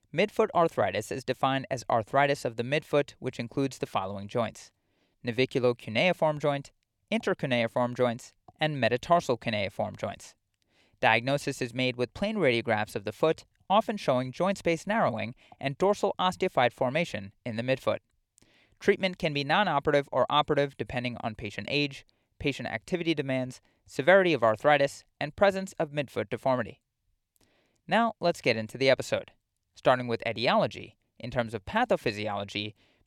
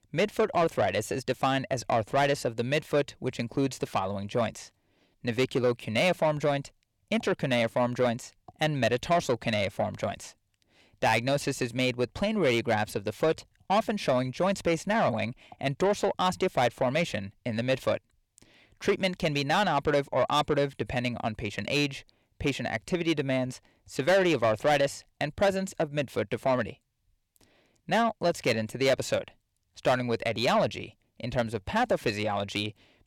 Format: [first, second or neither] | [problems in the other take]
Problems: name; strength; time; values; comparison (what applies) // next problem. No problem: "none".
first | distortion; slight; 10 dB below the speech